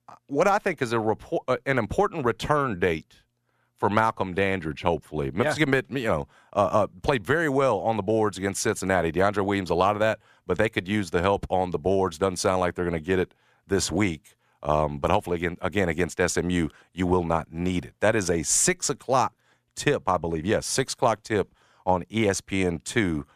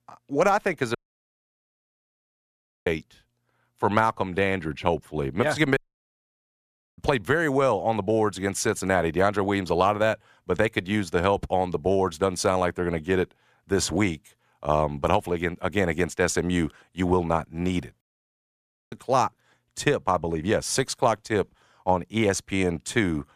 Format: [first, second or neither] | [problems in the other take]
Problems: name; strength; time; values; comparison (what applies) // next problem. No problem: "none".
first | audio cutting out; at 1 s for 2 s, at 6 s for 1 s and at 18 s for 1 s